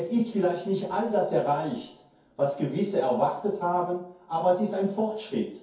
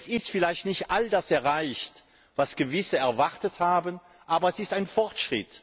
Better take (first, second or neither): second